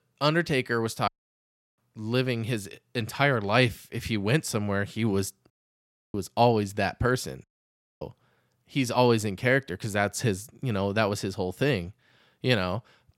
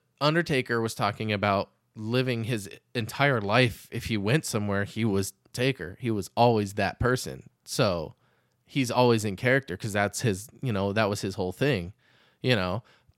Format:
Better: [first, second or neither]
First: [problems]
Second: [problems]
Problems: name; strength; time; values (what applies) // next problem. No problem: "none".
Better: second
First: audio cutting out; at 1 s for 0.5 s, at 5.5 s for 0.5 s and at 7.5 s for 0.5 s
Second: none